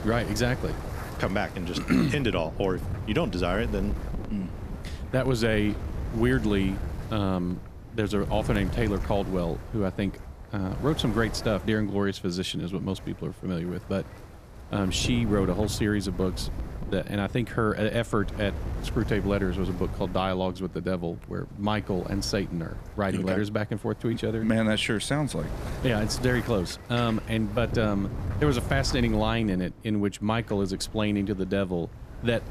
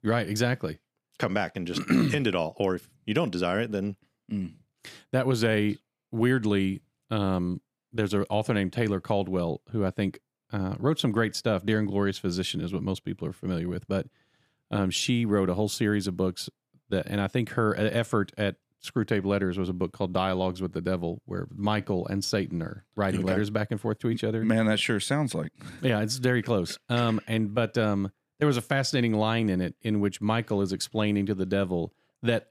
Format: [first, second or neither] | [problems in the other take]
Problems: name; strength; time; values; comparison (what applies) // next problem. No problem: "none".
second | wind noise on the microphone; occasional gusts; 15 dB below the speech